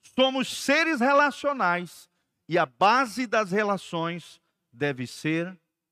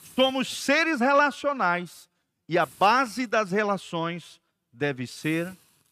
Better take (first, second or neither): first